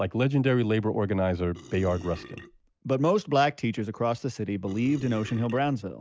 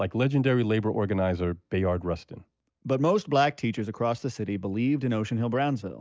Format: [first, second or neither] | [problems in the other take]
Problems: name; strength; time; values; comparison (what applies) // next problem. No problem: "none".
second | background sound (Burping, eructation); 18 dB below the speech